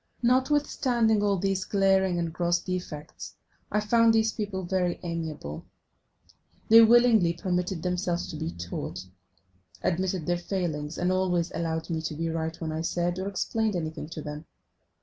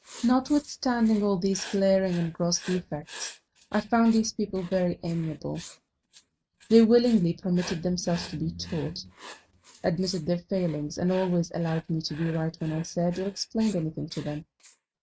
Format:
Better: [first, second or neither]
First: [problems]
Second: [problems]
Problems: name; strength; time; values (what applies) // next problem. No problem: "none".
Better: first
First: none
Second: noise reduction (neural mask model RNNoise)